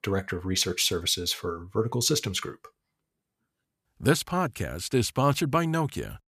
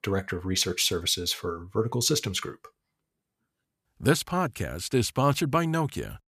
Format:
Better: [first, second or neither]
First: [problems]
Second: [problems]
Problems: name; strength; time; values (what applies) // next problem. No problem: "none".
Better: neither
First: none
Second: none